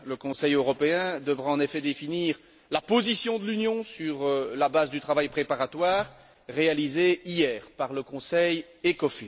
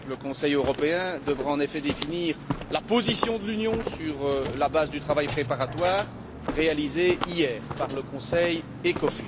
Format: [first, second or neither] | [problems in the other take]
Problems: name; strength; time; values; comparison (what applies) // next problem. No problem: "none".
first | background sound (Walk, footsteps); 8 dB below the speech